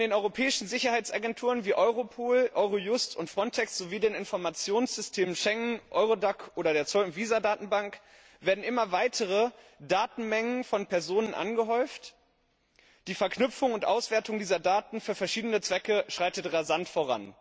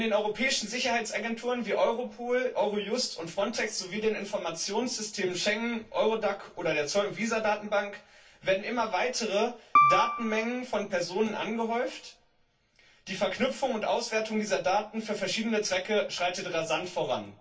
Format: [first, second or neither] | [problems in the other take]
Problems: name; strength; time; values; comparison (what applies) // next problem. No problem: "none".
first | background sound (Piano); 4 dB above the speech // room echo; dies away in 0.2 s